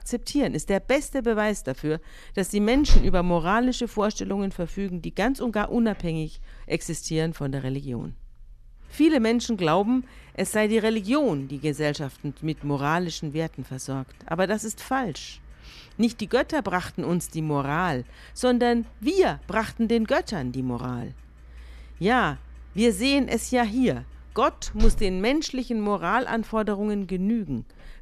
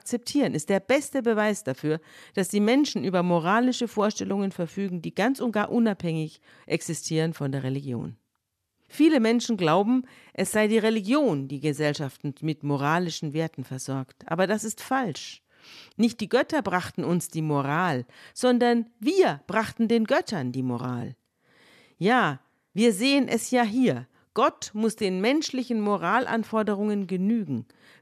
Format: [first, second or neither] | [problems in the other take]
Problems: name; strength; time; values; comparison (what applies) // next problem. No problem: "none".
second | household noises; noticeable; throughout; 15 dB below the speech